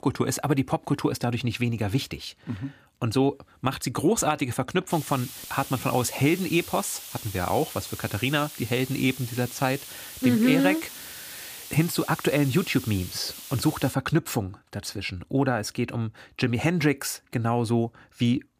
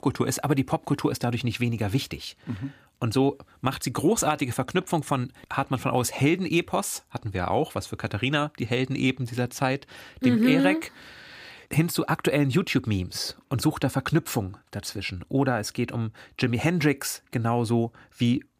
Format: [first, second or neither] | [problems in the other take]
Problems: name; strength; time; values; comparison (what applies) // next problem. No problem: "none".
second | hiss; noticeable; from 5 to 14 s; 10 dB below the speech